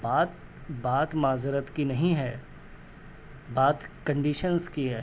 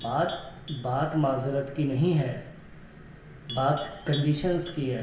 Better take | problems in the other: first | background sound (Livestock, farm animals, working animals); 19 dB below the speech // room echo; dies away in 0.8 s

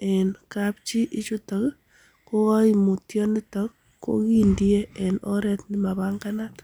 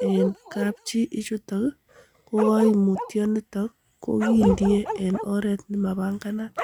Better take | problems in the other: first | noise reduction (neural mask model RNNoise)

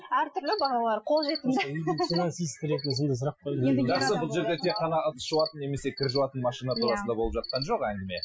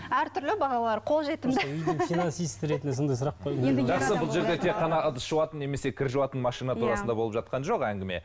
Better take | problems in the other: second | noise reduction (classical method Wiener filter)

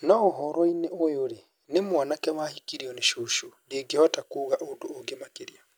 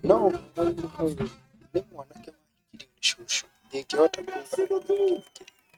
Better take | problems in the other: first | noise reduction (neural mask model RNNoise)

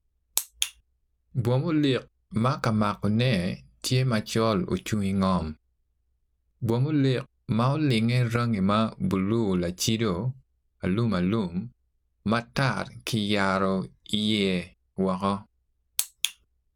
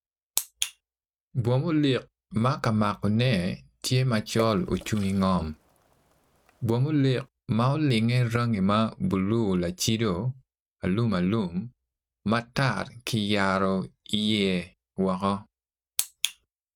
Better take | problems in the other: first | noise reduction (neural mask model RNNoise)

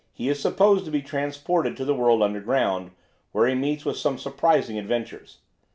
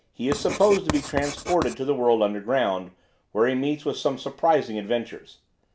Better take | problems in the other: first | background sound (Writing); 9 dB below the speech

